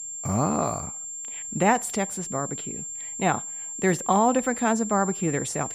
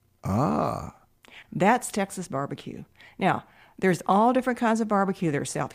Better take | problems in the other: second | high-pitched whine; loud; throughout; 7.5 kHz, 7 dB below the speech

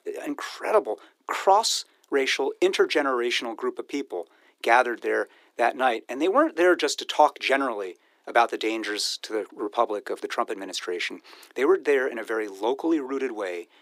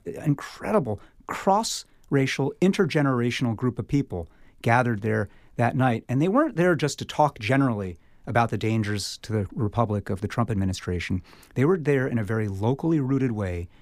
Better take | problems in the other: second | thin; very; fading below 350 Hz

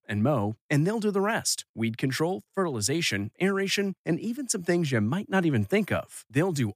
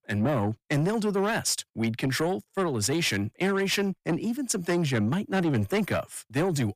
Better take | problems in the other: first | distortion; slight; 10 dB below the speech

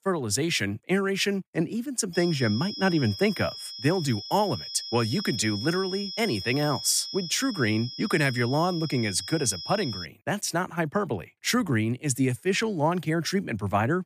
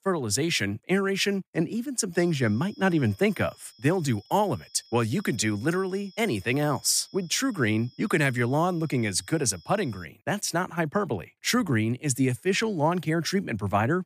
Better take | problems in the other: second | high-pitched whine; loud; from 2 to 10 s; 5 kHz, 8 dB below the speech; faint in the second

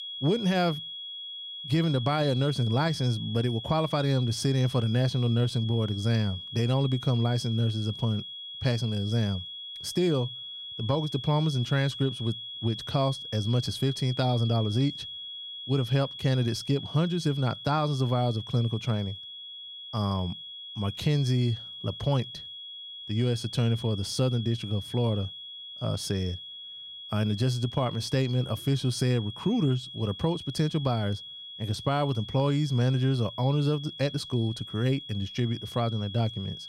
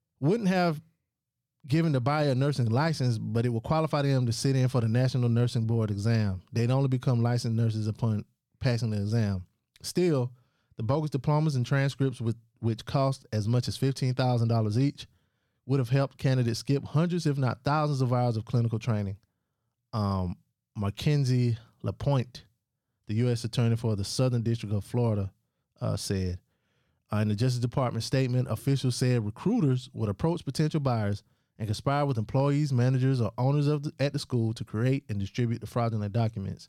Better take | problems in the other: second | high-pitched whine; loud; throughout; 3.5 kHz, 10 dB below the speech

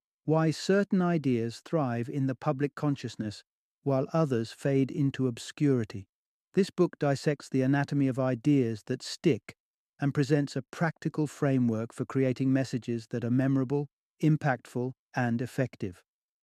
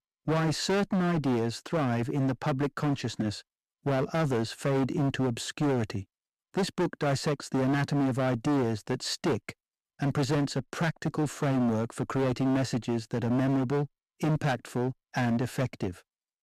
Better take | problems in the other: first | distortion; heavy; 20% of the sound clipped

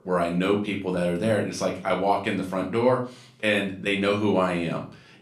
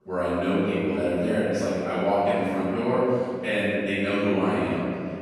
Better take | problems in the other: first | room echo; strong; dies away in 2.3 s; slight in the first // off-mic speech; far; somewhat distant in the first

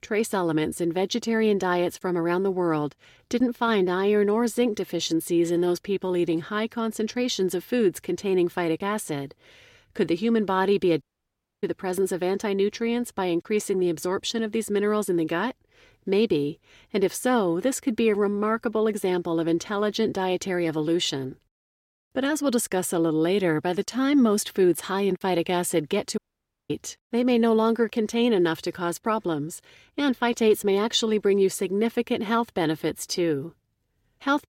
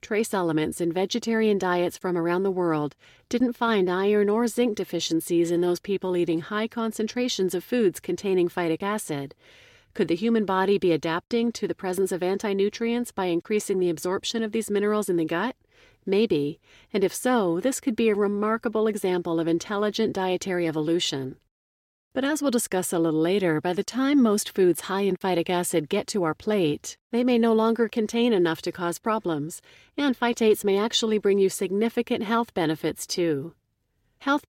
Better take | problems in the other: second | audio cutting out; at 11 s for 0.5 s and at 26 s for 0.5 s

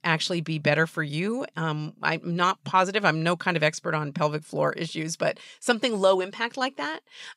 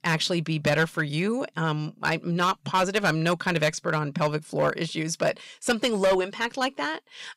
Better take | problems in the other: first | distortion; slight; 4% of the sound clipped

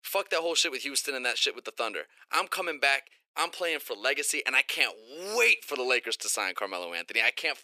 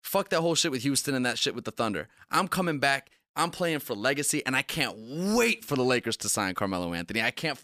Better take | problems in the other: second | thin; very; fading below 400 Hz

